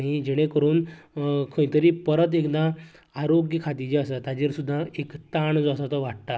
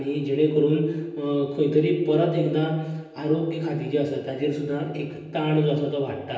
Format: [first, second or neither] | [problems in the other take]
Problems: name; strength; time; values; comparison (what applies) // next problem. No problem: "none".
first | room echo; dies away in 1 s